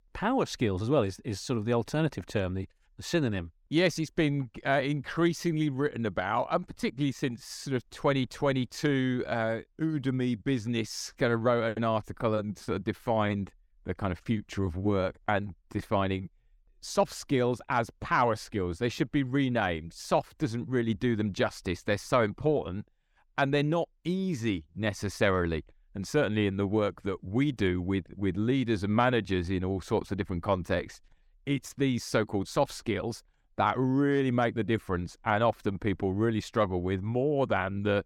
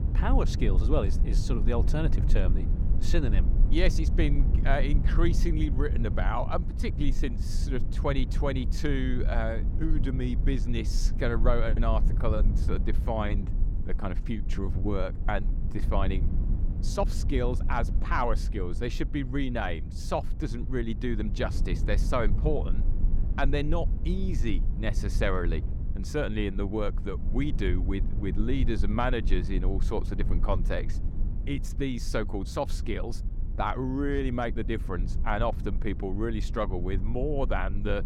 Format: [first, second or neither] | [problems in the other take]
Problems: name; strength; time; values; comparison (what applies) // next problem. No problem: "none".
first | low rumble; noticeable; throughout; 15 dB below the speech